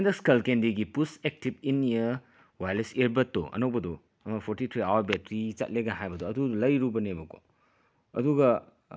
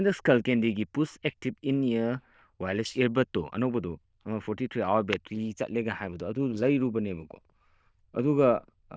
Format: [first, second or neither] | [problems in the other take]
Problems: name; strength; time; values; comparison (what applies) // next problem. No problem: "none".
first | noise reduction (neural diffusion model UNIVERSE++)